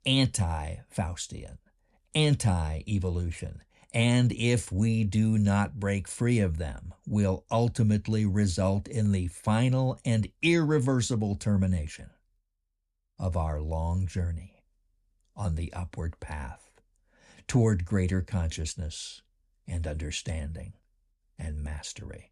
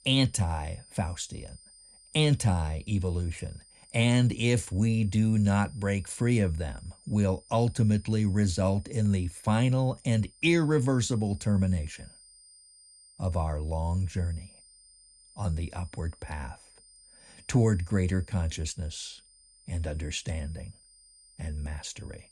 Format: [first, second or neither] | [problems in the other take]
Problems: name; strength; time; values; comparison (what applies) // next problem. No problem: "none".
first | high-pitched whine; faint; throughout; 9 kHz, 25 dB below the speech